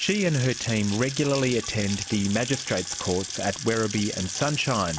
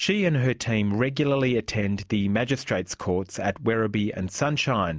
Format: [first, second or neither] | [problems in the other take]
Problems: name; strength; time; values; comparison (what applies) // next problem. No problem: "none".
second | background sound (Sink (filling or washing) / Water tap, faucet / Splash, splatter); 9 dB below the speech